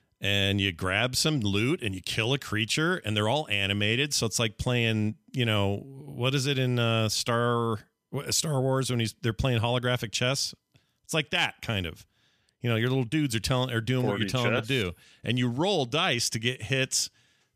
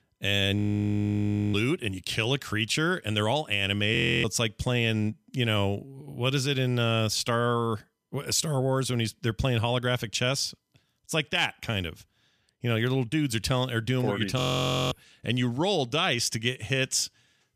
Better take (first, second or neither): first